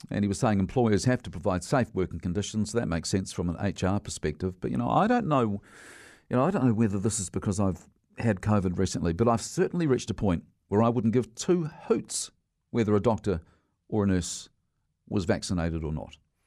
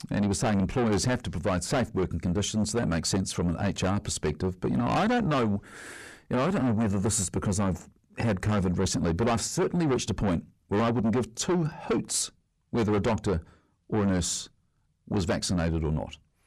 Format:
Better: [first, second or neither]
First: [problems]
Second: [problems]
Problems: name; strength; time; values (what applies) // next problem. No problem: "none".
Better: first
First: none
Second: distortion; heavy; 6 dB below the speech